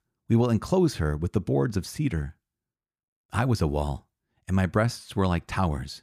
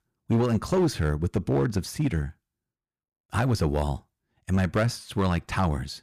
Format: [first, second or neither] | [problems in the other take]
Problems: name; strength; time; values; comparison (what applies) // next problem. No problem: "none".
first | distortion; slight; 5% of the sound clipped